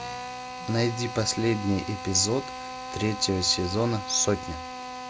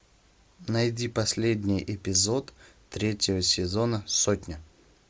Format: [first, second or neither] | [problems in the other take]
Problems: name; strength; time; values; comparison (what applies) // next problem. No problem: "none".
second | background sound (Drill); 9 dB below the speech